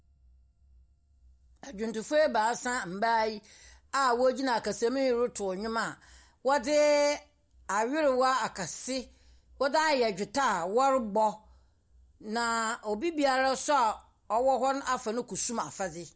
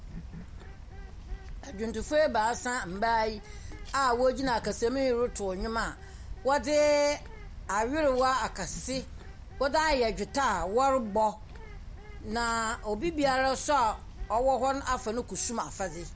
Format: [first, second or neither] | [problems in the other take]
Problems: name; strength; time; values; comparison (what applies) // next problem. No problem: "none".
first | background sound (Bird); 13 dB below the speech